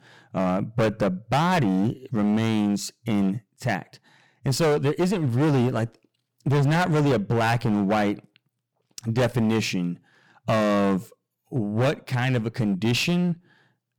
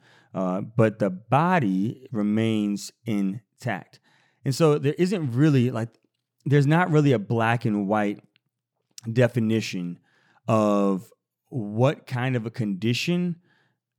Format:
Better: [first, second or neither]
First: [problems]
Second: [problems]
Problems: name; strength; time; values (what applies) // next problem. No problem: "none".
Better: second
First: distortion; heavy; 17% of the sound clipped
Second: none